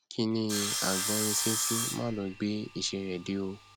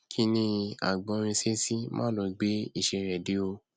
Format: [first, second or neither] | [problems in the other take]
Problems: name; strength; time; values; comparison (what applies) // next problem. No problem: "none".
second | background sound (Sawing); 2 dB below the speech